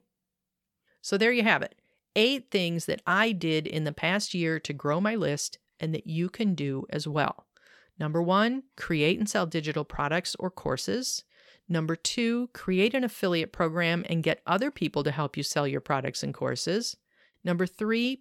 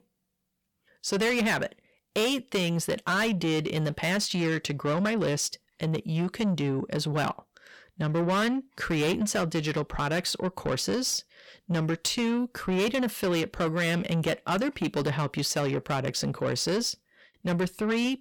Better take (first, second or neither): first